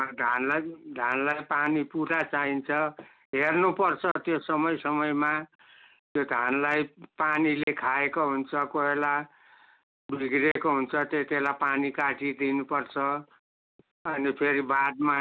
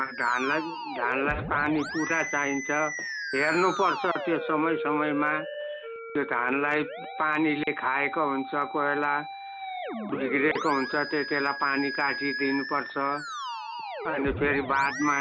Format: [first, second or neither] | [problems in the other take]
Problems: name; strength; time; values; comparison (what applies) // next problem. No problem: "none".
first | background sound (Musical instrument); 7 dB below the speech